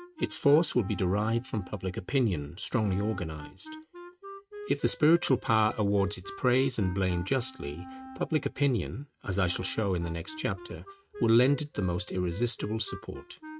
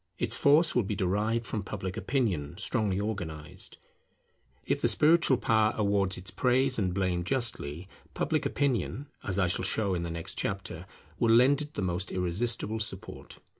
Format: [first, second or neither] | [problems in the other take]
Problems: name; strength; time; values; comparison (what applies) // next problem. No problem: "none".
second | noise reduction (neural mask model RNNoise)